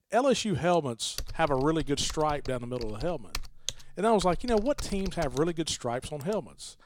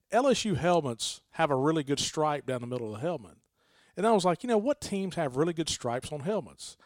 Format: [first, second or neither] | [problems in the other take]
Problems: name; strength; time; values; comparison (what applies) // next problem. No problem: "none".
second | keyboard typing; noticeable; from 1 to 6.5 s; peak 7 dB below the speech